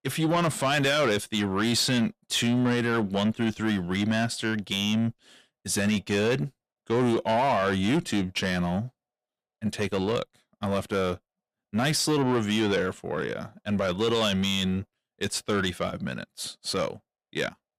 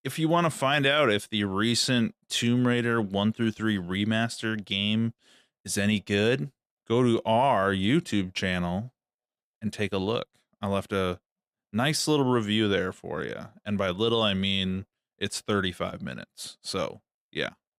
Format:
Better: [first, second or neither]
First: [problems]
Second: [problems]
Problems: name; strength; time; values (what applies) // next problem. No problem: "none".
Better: second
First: distortion; slight; 10 dB below the speech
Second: none